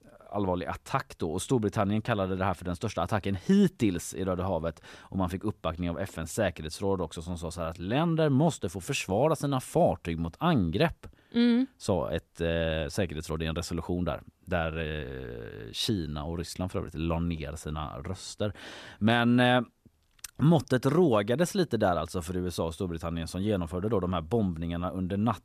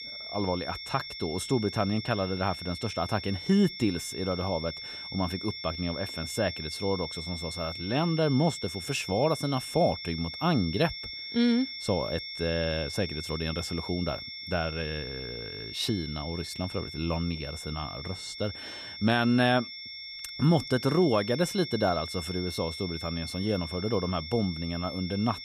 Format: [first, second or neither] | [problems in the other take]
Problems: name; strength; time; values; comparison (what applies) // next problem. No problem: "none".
first | high-pitched whine; loud; throughout; 5.5 kHz, 7 dB below the speech